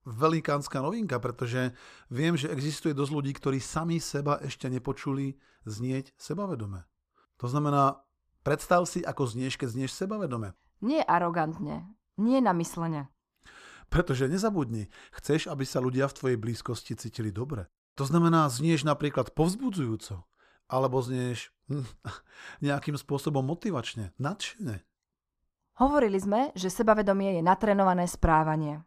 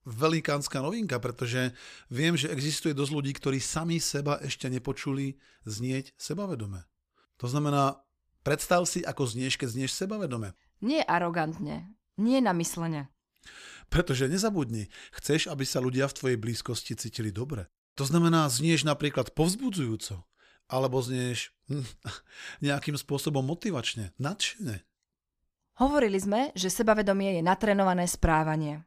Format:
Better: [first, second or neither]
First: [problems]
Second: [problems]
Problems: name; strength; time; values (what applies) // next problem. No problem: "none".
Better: second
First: muffled; slightly; fading above 1.5 kHz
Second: none